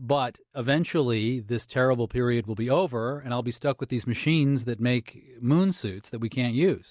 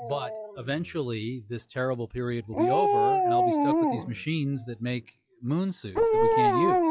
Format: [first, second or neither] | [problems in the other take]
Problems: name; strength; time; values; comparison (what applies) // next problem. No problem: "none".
first | noise reduction (classical method log-MMSE)